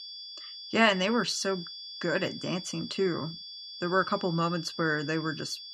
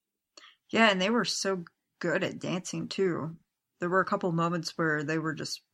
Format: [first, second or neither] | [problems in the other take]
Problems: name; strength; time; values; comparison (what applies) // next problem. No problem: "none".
second | high-pitched whine; noticeable; throughout; 4.5 kHz, 10 dB below the speech